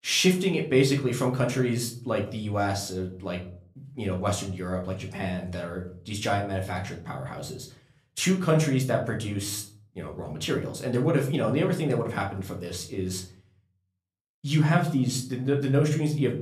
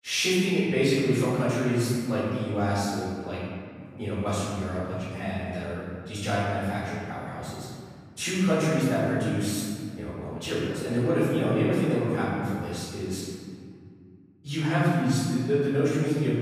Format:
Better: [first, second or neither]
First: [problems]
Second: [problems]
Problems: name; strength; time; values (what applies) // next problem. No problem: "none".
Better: first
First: room echo; slight; dies away in 0.5 s // off-mic speech; somewhat distant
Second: room echo; strong; dies away in 2.2 s // off-mic speech; far